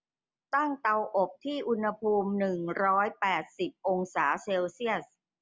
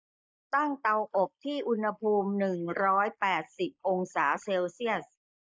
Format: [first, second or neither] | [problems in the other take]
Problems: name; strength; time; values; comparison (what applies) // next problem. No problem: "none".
first | noise reduction (neural mask model Resemble Enhance denoiser)